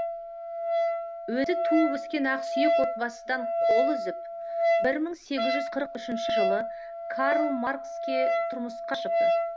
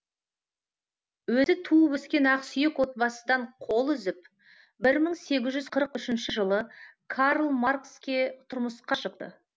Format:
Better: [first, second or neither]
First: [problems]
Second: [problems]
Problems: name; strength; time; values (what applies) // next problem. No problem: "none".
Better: second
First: background sound (Wind instrument, woodwind instrument); 4 dB above the speech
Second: none